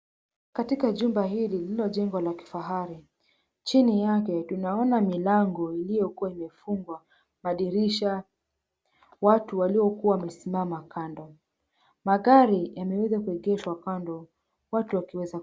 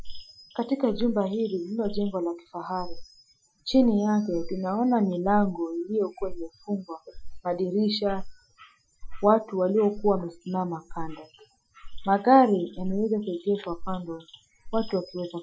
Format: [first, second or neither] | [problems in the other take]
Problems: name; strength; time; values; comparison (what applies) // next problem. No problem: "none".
first | noise reduction (classical method Wiener filter)